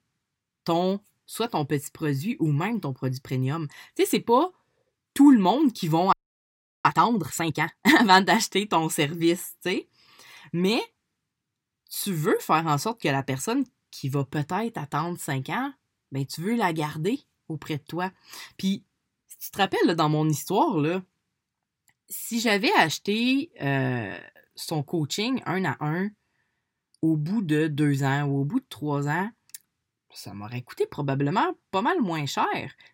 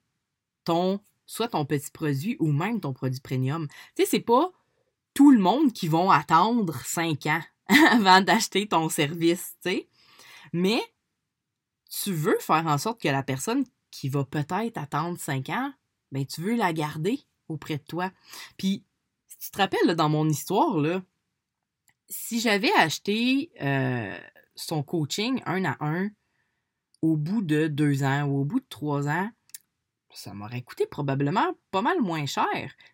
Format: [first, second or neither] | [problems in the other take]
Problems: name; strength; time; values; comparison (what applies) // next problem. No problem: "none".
second | audio freezing; at 6 s for 0.5 s